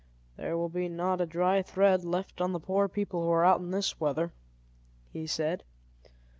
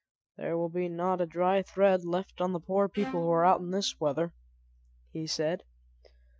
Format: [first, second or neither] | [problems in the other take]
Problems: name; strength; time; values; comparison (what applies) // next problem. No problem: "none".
first | noise reduction (classical method Wiener filter)